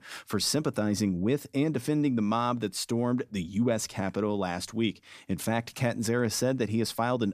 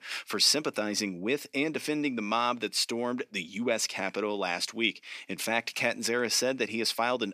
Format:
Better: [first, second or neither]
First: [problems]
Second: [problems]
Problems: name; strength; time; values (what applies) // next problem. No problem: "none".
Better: first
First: none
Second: thin; very slightly; fading below 300 Hz